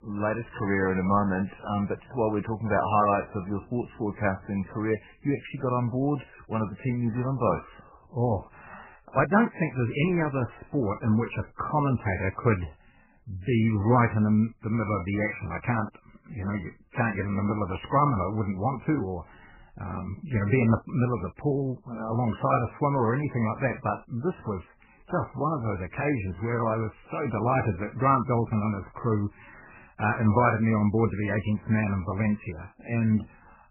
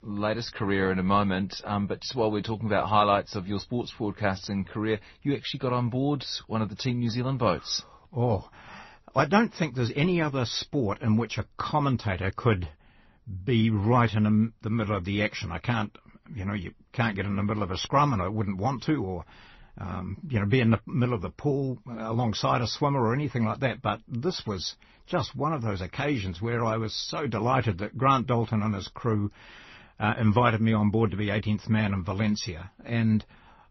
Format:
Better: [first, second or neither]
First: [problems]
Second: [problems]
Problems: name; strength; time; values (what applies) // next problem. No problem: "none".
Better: second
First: garbled, watery; badly; nothing above 3 kHz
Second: garbled, watery; slightly; nothing above 6 kHz